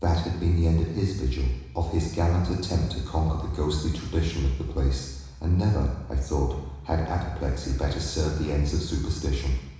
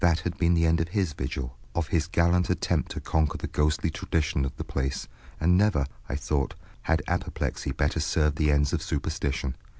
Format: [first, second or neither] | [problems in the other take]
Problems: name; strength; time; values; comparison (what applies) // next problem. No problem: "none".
second | room echo; dies away in 1 s